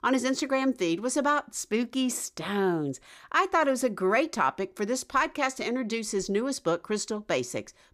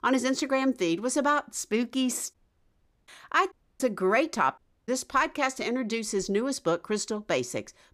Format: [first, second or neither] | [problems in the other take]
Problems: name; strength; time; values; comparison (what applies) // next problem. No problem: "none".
first | audio cutting out; at 2.5 s for 0.5 s, at 3.5 s and at 4.5 s